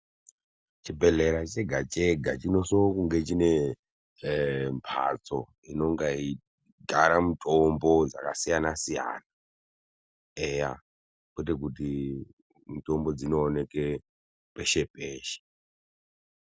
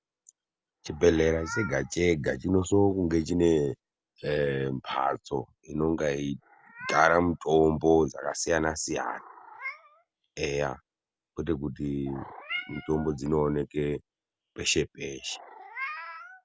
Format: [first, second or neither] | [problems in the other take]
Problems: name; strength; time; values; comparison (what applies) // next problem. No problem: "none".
first | background sound (Meow); 17 dB below the speech